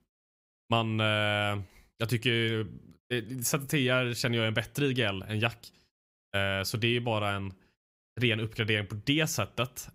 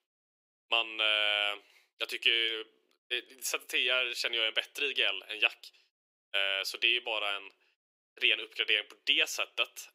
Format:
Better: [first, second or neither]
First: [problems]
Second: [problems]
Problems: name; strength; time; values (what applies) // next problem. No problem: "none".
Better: first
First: none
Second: thin; very; fading below 350 Hz